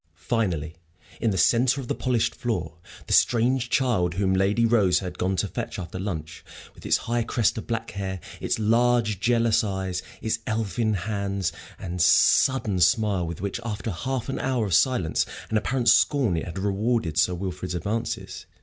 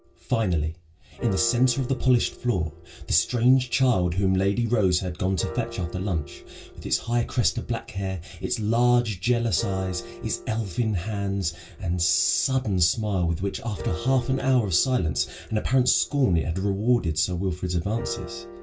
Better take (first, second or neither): first